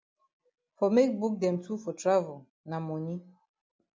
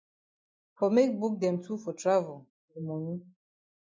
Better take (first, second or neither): first